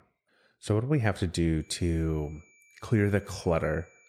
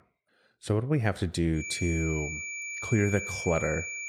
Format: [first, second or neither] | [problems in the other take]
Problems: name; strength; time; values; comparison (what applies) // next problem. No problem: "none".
first | high-pitched whine; loud; from 1.5 s on; 2.5 kHz, 5 dB below the speech; faint in the first